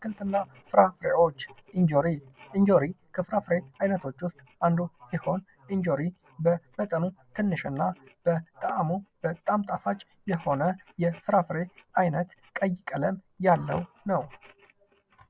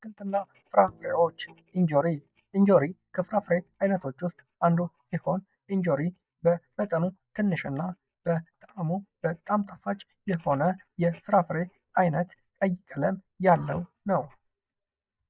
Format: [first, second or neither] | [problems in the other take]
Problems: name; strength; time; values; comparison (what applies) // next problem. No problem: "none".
first | noise reduction (neural mask model DeepFilterNet 3)